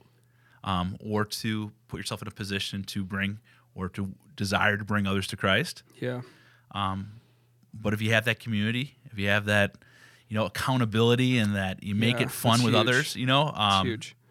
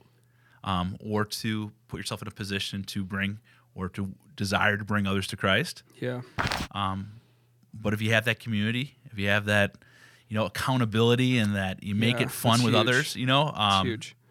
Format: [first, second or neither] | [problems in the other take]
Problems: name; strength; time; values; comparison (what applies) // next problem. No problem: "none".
first | footsteps; noticeable; at 6.5 s; peak 2 dB below the speech